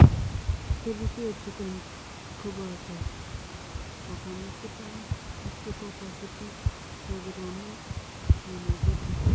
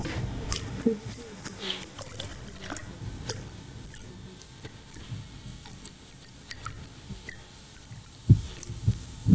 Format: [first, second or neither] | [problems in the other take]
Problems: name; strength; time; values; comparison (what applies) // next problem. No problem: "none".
first | noise reduction (neural mask model DeepFilterNet 3)